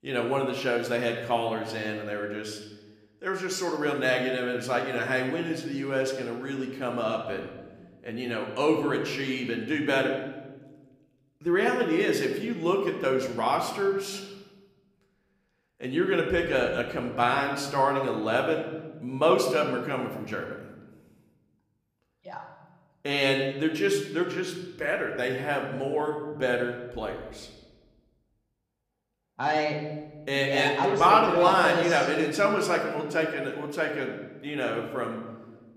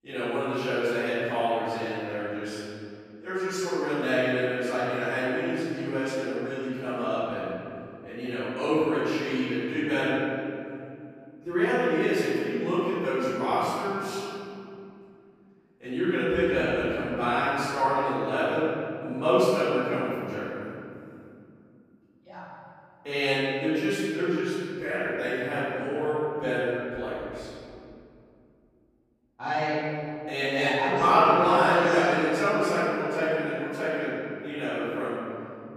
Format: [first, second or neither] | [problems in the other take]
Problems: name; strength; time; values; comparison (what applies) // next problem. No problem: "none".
first | room echo; strong; dies away in 2.7 s; slight in the first // off-mic speech; far